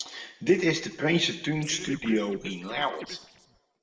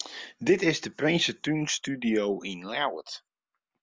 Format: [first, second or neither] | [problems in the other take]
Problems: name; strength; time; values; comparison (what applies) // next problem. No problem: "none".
second | noise reduction (neural separator model SepFormer DNS4)